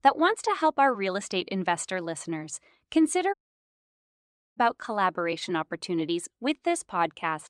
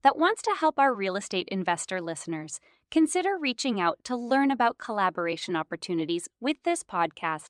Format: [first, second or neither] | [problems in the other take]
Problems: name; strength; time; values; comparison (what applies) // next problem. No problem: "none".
second | audio cutting out; at 3.5 s for 1 s